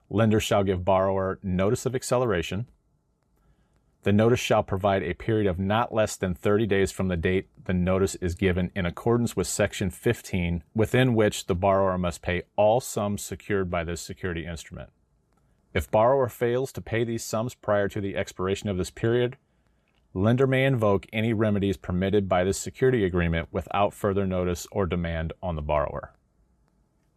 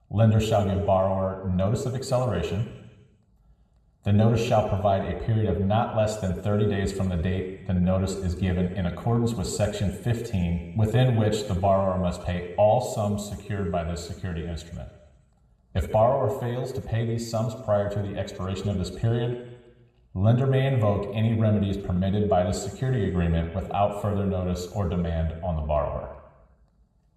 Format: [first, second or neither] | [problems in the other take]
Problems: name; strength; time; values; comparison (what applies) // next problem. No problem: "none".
first | room echo; slight; dies away in 1 s